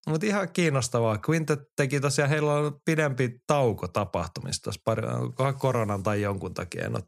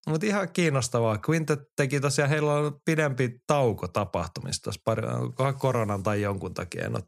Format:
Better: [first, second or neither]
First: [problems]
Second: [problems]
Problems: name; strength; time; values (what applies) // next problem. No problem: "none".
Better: neither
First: none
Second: none